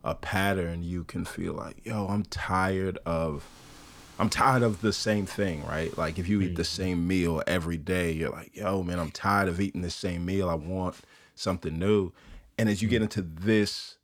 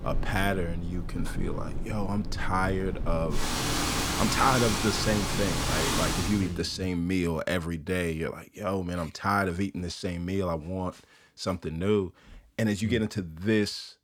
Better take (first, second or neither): first